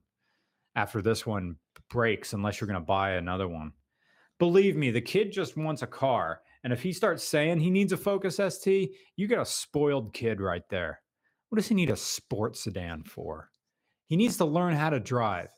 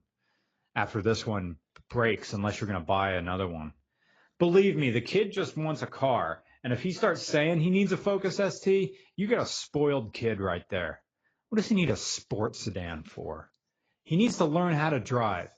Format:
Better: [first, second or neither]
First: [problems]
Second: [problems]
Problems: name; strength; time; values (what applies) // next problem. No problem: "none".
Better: first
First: none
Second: garbled, watery; badly; nothing above 7.5 kHz